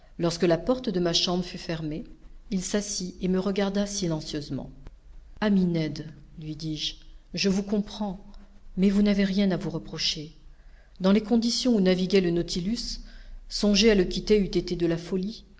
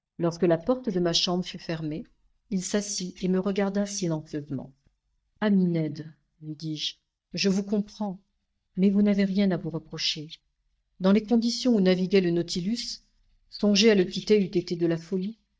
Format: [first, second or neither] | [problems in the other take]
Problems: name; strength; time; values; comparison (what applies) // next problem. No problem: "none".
first | noise reduction (neural mask model DeepFilterNet 3)